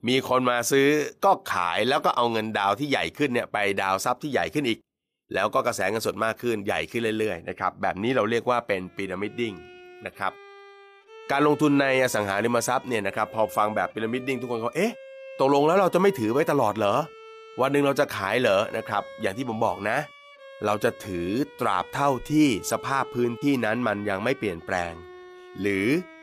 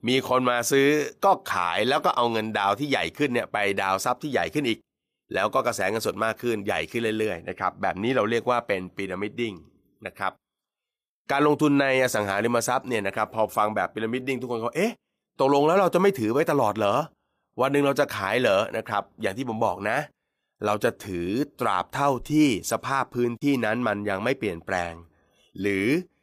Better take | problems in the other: second | background music; noticeable; from 9 s on; 20 dB below the speech

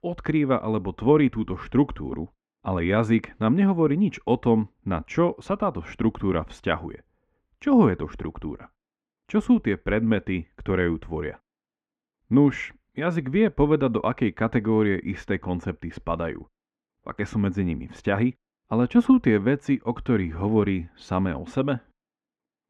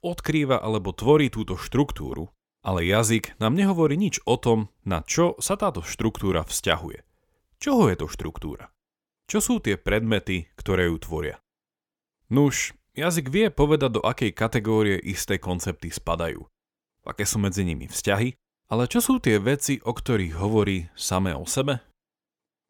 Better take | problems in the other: second | muffled; very; fading above 2 kHz

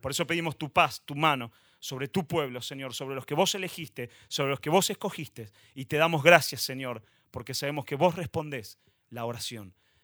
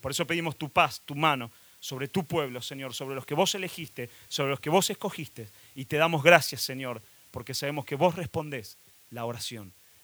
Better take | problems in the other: first | hiss; faint; throughout; 25 dB below the speech

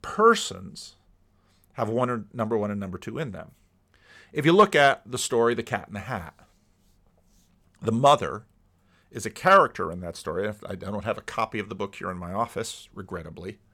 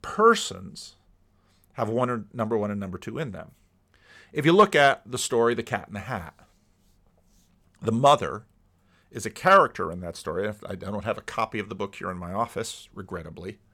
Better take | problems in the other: neither | none

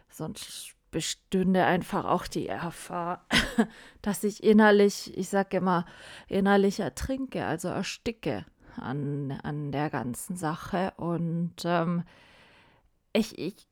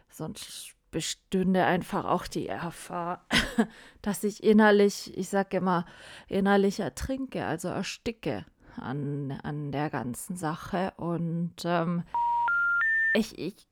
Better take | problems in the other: first | phone ringing; loud; from 12 to 13 s; peak 6 dB above the speech

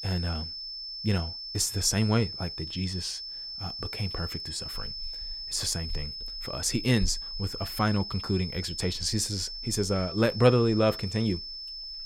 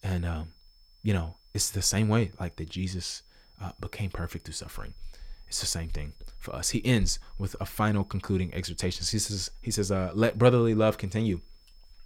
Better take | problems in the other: second | high-pitched whine; loud; throughout; 5.5 kHz, 7 dB below the speech; faint in the second

